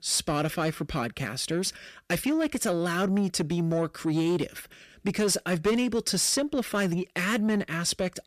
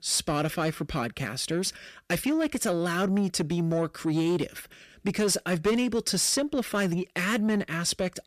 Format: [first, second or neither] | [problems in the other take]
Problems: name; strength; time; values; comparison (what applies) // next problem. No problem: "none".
neither | distortion; slight; 10 dB below the speech; the same in both